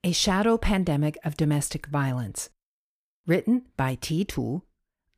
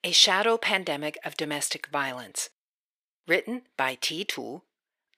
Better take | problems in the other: first | thin; very; fading below 500 Hz

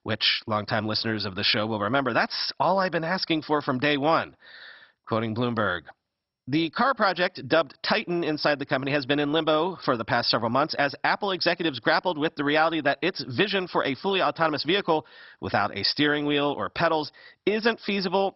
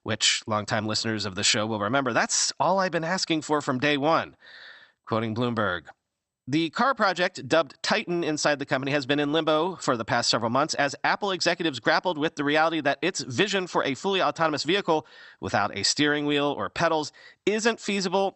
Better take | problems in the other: second | garbled, watery; badly; nothing above 5.5 kHz; slightly in the second

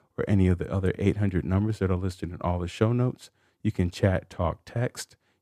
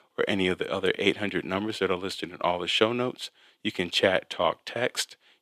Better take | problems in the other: first | thin; somewhat; fading below 350 Hz

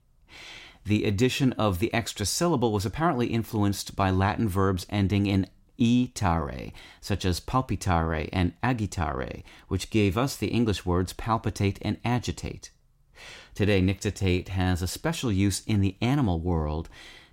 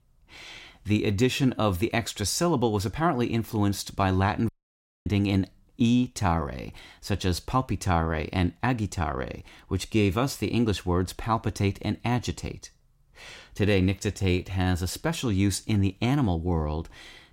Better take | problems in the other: first | audio cutting out; at 4.5 s for 0.5 s

